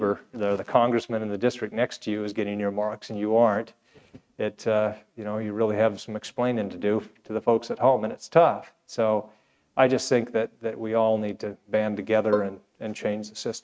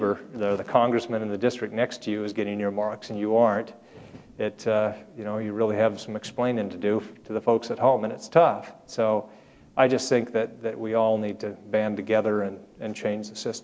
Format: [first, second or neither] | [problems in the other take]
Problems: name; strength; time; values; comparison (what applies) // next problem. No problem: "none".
second | noise reduction (neural mask model RNNoise)